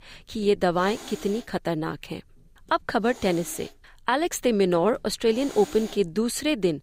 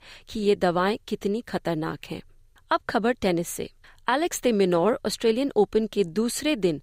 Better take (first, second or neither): second